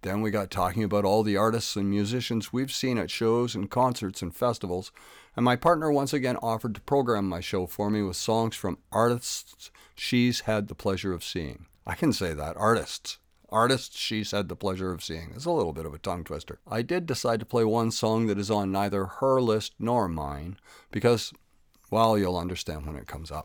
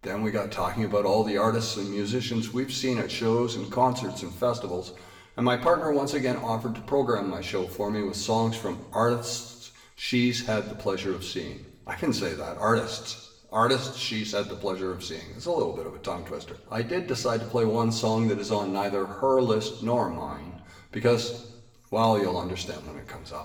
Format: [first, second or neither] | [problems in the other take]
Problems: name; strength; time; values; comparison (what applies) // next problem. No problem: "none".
first | room echo; slight; dies away in 0.9 s // off-mic speech; far